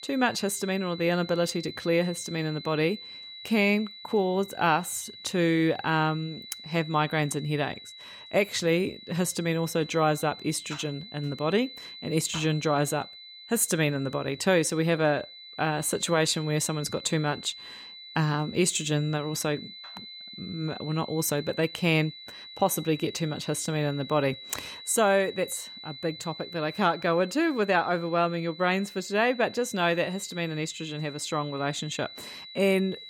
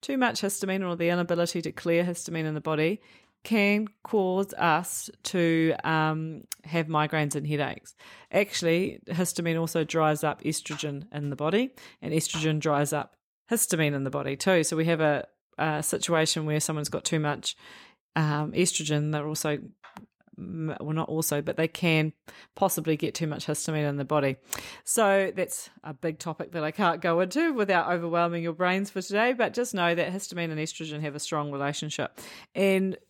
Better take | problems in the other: second | high-pitched whine; noticeable; throughout; 4 kHz, 15 dB below the speech

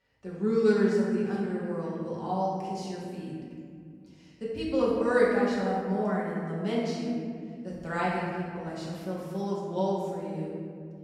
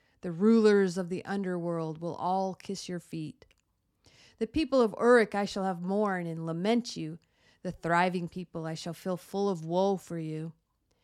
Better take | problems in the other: second | room echo; strong; dies away in 2.2 s // off-mic speech; far

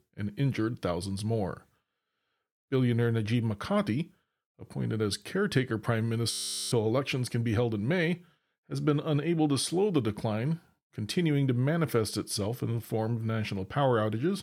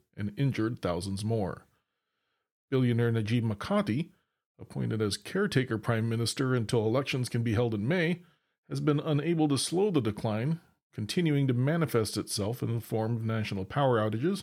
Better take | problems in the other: second | audio freezing; at 6.5 s

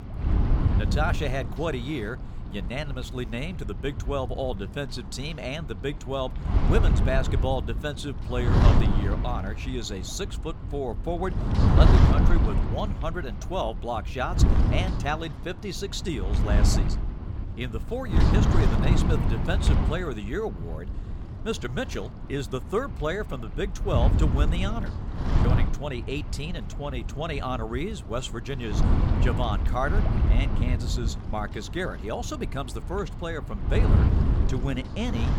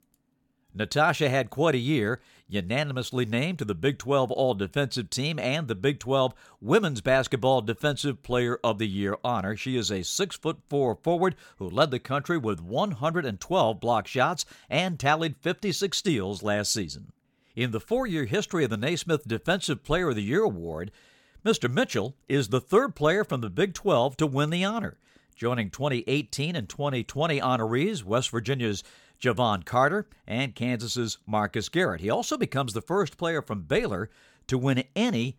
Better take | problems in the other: second | wind noise on the microphone; heavy; 3 dB below the speech

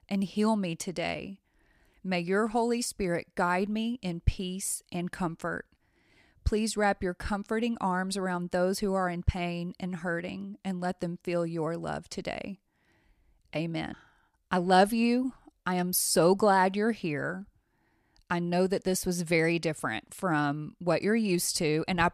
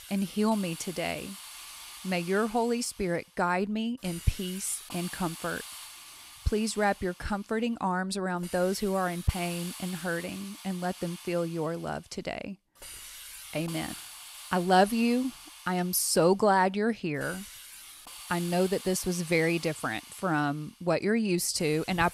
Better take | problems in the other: first | hiss; noticeable; throughout; 15 dB below the speech

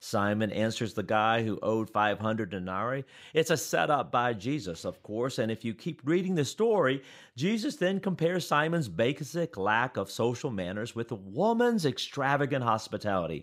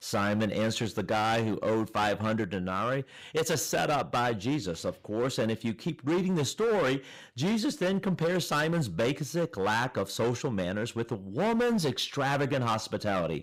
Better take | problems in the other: first | distortion; heavy; 16% of the sound clipped

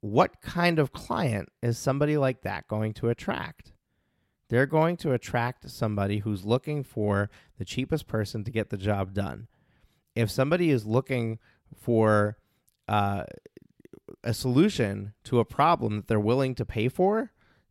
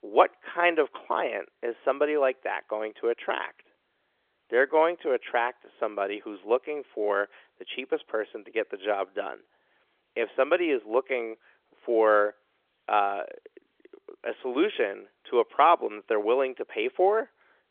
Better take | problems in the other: first | phone-call audio; nothing above 3.5 kHz

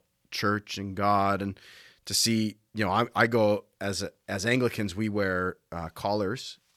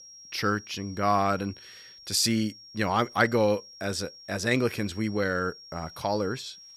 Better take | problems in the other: first | high-pitched whine; noticeable; throughout; 5.5 kHz, 20 dB below the speech

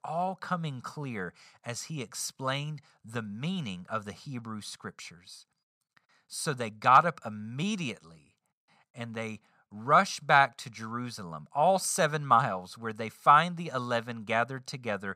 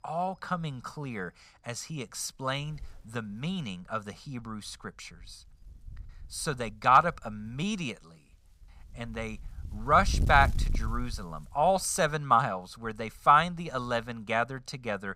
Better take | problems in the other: first | wind noise on the microphone; occasional gusts; 25 dB below the speech

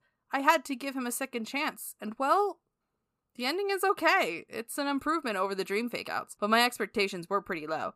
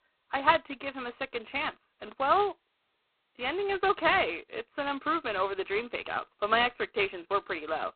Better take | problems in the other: first | phone-call audio; poor line; nothing above 4 kHz

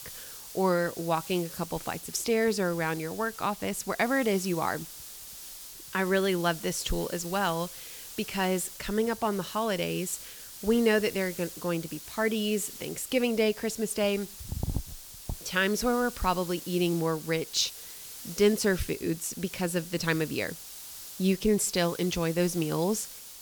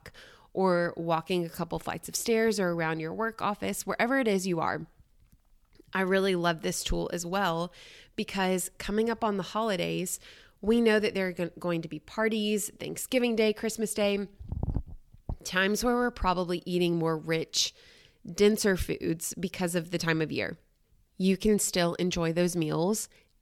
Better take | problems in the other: second | hiss; noticeable; throughout; 10 dB below the speech

